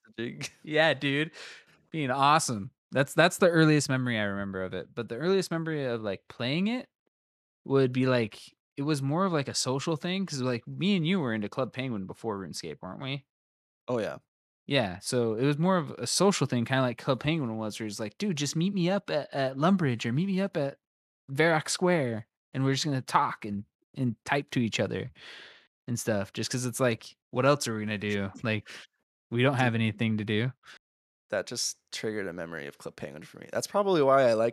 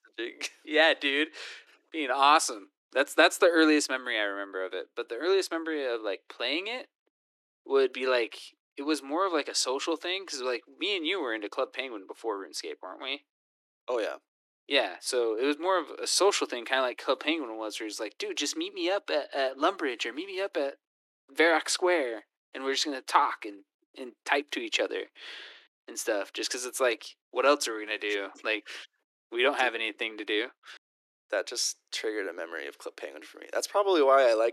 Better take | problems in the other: first | thin; very; fading below 300 Hz

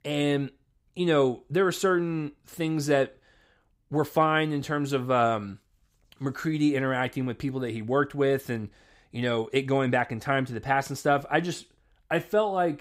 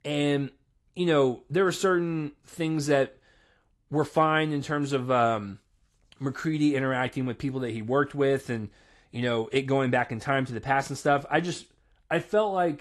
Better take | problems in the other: first | garbled, watery; slightly; nothing above 12 kHz

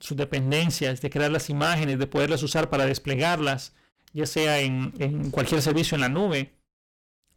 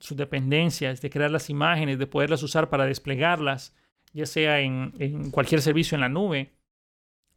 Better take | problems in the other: second | distortion; heavy; 14% of the sound clipped

